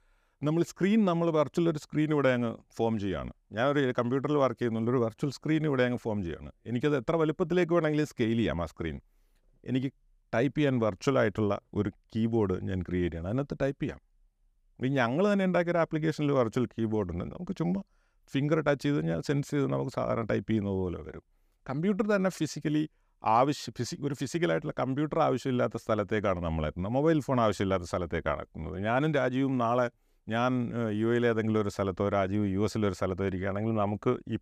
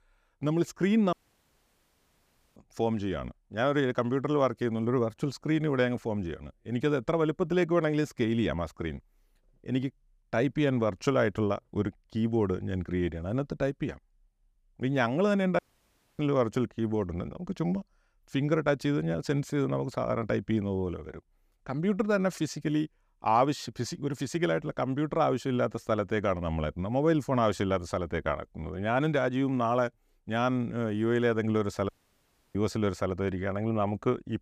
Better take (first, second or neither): first